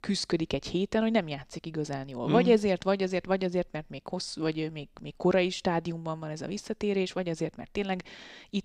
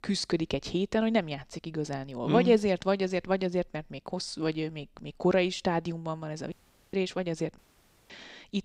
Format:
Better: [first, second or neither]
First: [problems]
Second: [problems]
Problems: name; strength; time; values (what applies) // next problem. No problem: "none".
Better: first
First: none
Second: audio cutting out; at 6.5 s and at 7.5 s for 0.5 s